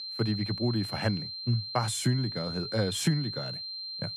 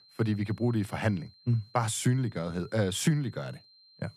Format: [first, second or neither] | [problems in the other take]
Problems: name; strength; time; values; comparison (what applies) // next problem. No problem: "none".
second | high-pitched whine; loud; throughout; 4 kHz, 5 dB below the speech; faint in the second